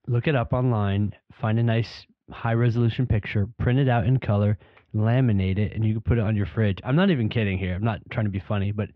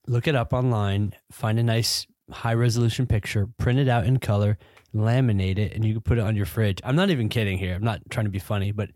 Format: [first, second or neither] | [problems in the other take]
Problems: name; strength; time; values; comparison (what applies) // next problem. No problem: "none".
second | muffled; very; fading above 3 kHz